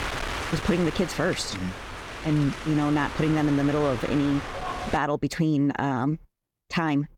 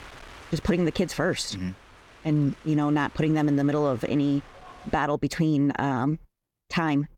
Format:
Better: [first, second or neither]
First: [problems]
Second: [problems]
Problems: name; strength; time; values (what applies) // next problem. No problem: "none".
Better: second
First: wind noise on the microphone; heavy; until 5 s; 5 dB below the speech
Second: wind noise on the microphone; occasional gusts; until 5 s; 20 dB below the speech